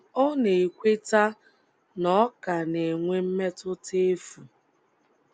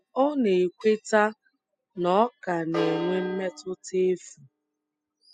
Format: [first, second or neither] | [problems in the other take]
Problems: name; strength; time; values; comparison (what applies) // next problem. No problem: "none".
first | noise reduction (classical method spectral subtraction)